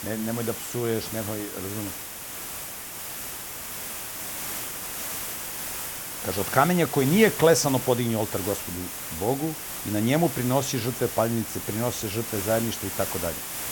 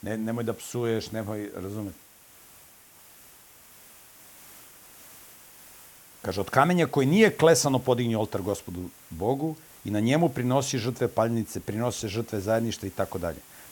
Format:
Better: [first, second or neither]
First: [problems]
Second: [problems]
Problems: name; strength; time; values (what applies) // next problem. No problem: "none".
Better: second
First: hiss; loud; throughout; 6 dB below the speech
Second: hiss; faint; throughout; 20 dB below the speech